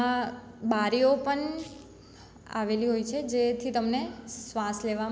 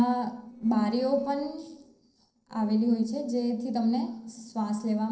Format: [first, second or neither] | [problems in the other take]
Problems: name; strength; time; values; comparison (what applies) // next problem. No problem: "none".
first | noise reduction (neural separator model SepFormer DNS4)